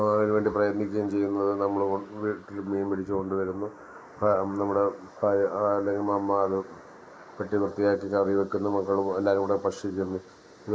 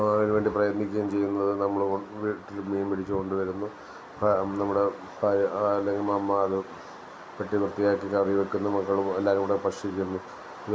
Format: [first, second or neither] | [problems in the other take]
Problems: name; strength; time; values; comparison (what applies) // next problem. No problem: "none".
second | noise reduction (neural mask model Resemble Enhance denoiser)